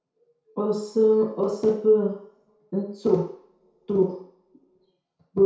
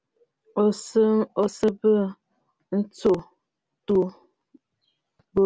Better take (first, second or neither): second